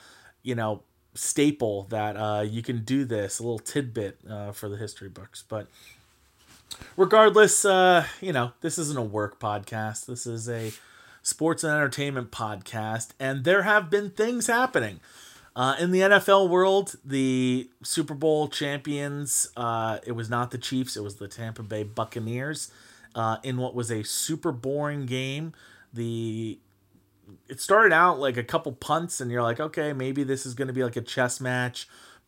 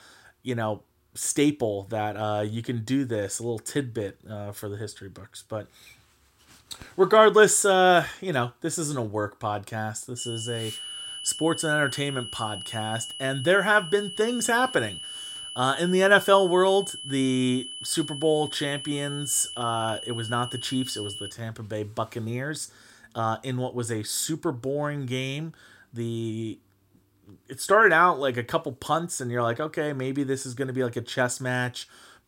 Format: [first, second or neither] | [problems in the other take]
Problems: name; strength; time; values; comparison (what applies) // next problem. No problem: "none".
first | high-pitched whine; loud; from 10 to 21 s; 3 kHz, 10 dB below the speech